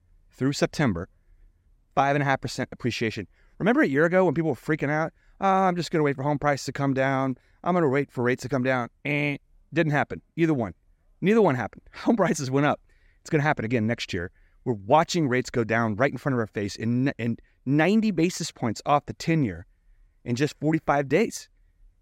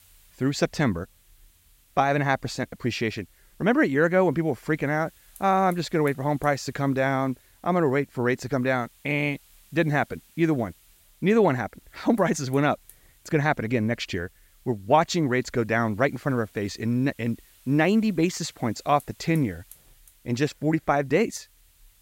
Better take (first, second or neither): first